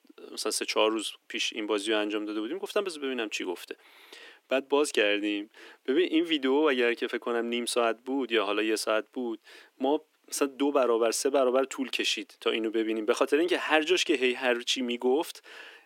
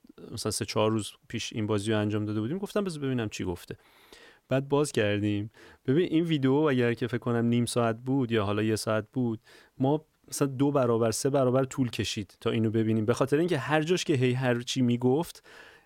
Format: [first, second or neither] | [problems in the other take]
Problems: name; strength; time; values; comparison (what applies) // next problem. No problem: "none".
second | thin; somewhat; fading below 300 Hz